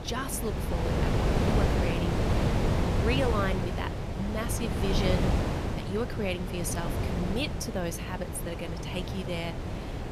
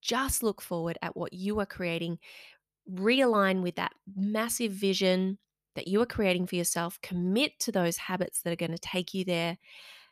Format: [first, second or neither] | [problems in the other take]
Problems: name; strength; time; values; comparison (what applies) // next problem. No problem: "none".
second | wind noise on the microphone; heavy; as loud as the speech